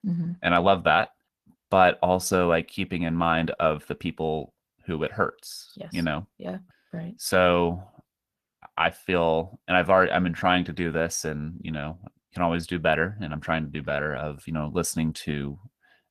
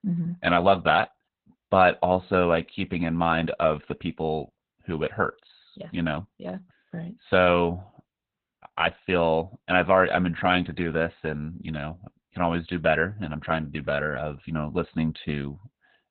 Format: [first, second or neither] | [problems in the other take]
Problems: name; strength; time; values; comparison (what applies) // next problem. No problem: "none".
first | garbled, watery; badly; nothing above 4 kHz; slightly in the first